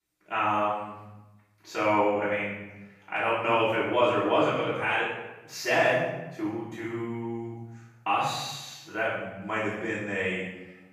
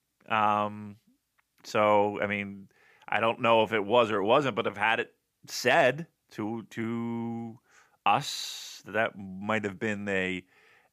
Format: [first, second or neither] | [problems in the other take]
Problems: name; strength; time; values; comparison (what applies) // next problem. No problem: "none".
second | off-mic speech; far // room echo; strong; dies away in 0.8 s